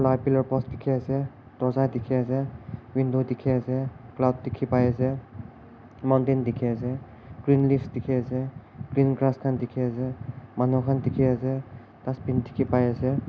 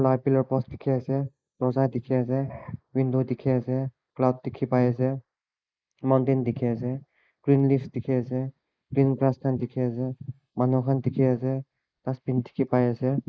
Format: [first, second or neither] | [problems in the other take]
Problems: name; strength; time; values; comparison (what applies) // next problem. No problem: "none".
first | noise reduction (neural mask model Resemble Enhance denoiser)